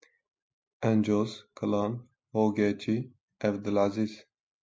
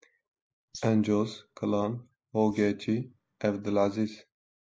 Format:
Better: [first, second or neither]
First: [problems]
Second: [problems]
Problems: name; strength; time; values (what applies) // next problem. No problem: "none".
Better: first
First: none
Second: noise reduction (neural mask model Resemble Enhance denoiser)